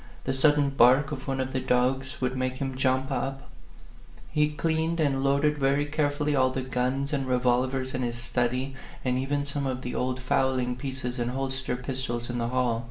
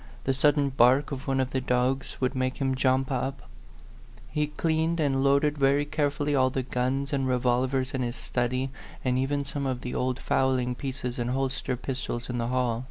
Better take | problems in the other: second | room echo; dies away in 0.4 s

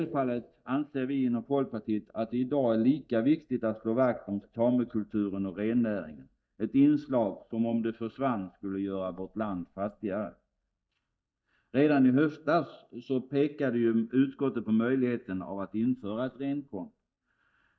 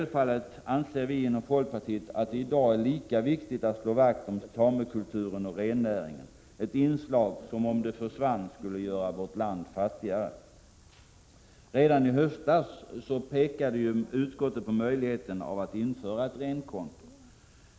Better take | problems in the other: second | noise reduction (neural mask model DeepFilterNet 3)

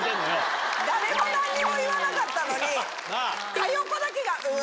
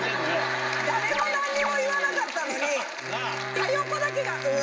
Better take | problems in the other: first | background sound (Wind instrument, woodwind instrument); 10 dB below the speech // room echo; dies away in 2 s

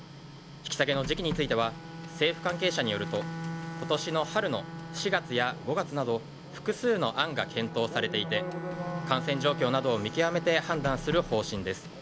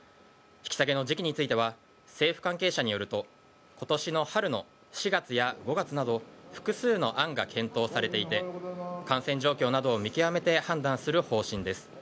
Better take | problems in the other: second | background sound (Bowed string instrument + Printer); 9 dB below the speech

